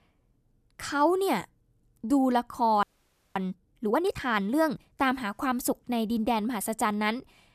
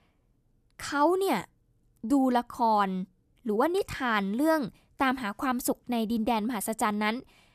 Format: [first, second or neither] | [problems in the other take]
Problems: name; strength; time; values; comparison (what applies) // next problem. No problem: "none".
second | audio freezing; at 3 s for 0.5 s